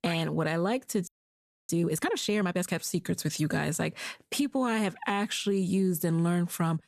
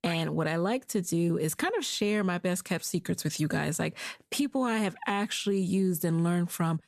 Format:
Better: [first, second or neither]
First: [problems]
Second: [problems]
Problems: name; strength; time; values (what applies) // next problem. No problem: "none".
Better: second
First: audio freezing; at 1 s for 0.5 s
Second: none